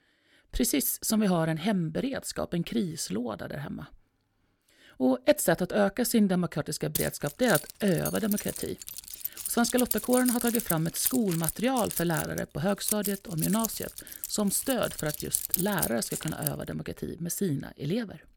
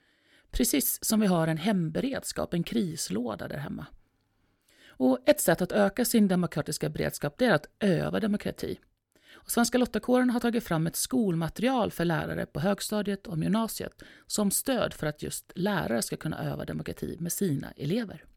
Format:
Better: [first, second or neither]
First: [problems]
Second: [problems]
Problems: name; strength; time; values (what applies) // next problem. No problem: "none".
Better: second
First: jangling keys; loud; from 7 to 16 s; peak 2 dB above the speech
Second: none